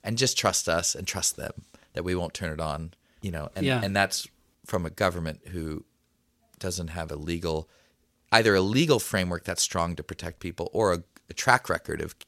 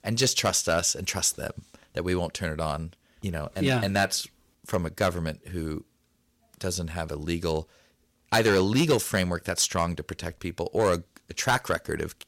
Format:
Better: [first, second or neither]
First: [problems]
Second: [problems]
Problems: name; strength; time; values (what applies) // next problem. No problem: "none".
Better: first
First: none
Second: distortion; slight; 1.7% of the sound clipped